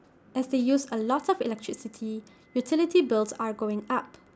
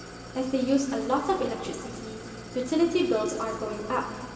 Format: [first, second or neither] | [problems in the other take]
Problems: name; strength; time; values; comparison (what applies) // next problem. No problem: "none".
first | background sound (Idling); 14 dB below the speech // room echo; dies away in 2.4 s